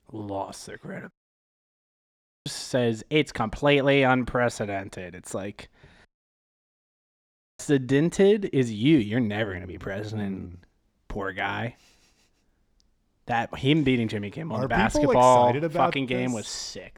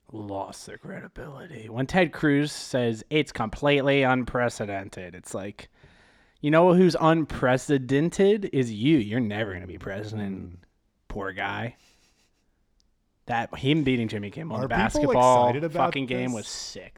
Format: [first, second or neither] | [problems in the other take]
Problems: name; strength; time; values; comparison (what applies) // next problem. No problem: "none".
second | audio cutting out; at 1 s for 1.5 s and at 6 s for 1.5 s